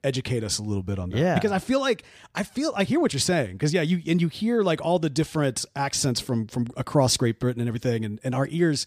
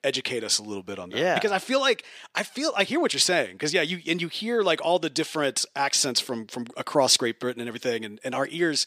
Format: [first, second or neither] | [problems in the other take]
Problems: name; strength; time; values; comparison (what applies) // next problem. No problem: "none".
first | thin; somewhat; fading below 350 Hz